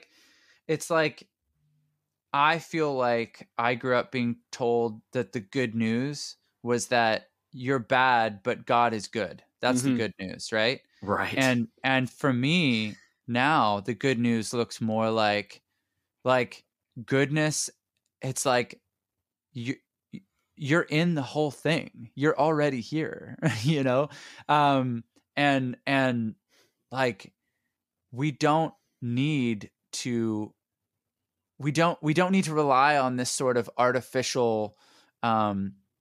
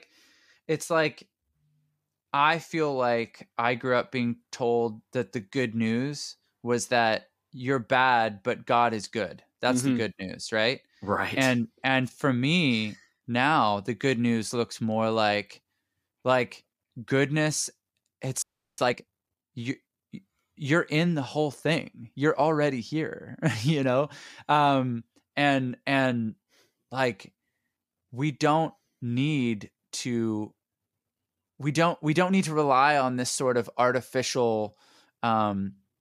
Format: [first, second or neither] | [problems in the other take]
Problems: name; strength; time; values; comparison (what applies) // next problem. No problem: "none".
first | audio freezing; at 18 s